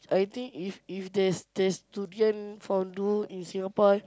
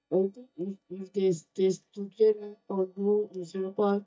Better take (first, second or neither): first